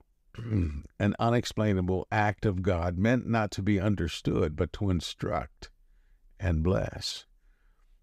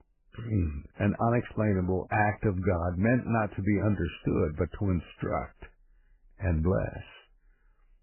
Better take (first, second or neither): first